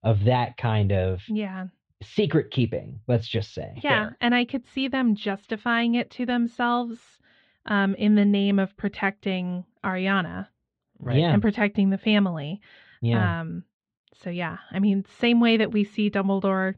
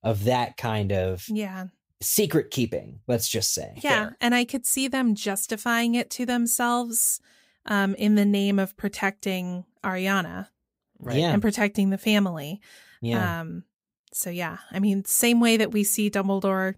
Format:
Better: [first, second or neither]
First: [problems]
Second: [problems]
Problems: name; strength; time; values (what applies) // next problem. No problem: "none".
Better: second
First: muffled; very; fading above 3.5 kHz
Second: none